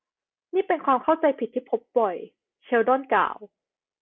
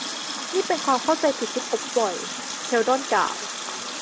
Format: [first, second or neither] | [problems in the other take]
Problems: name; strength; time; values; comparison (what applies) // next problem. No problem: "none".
first | background sound (Water tap, faucet); 6 dB below the speech